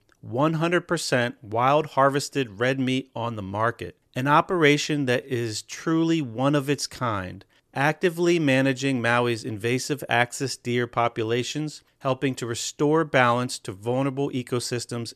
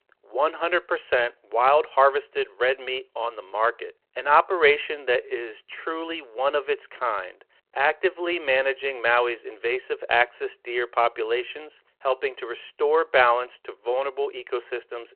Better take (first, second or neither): first